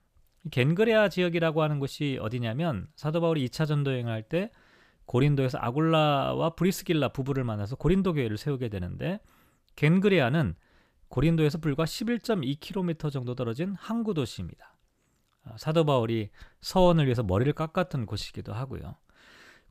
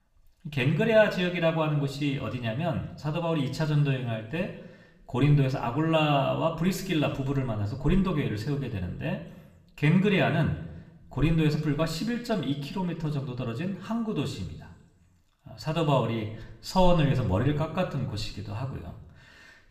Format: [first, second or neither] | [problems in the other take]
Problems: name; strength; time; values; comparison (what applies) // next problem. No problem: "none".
first | room echo; slight; dies away in 0.8 s